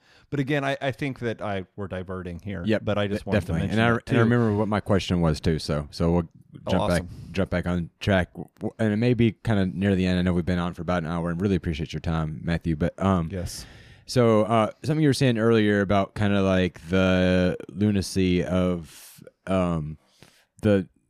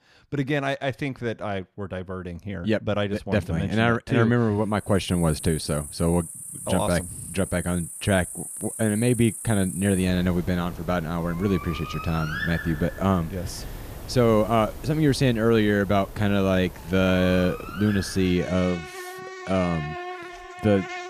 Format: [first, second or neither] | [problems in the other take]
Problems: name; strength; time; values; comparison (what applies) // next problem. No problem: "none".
first | animal sounds; noticeable; from 5 s on; 10 dB below the speech